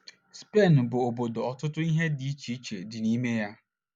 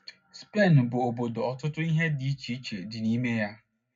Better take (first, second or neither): first